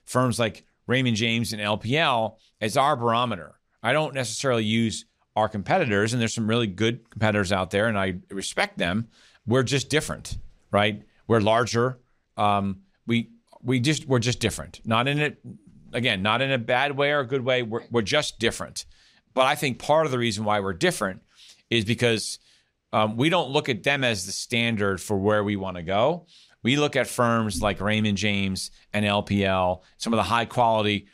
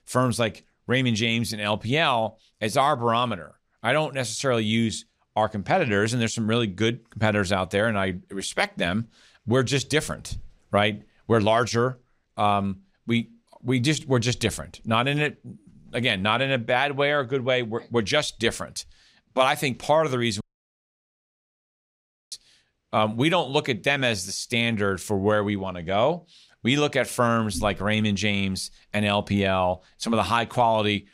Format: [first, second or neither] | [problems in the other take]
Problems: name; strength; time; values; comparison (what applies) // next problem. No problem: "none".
first | audio cutting out; at 20 s for 2 s